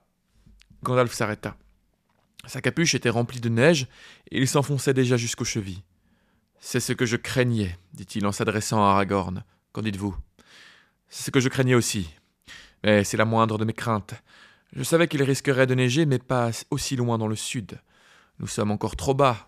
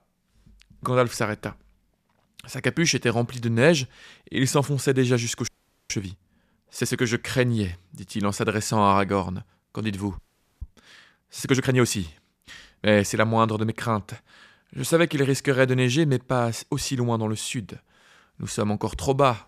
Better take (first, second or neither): first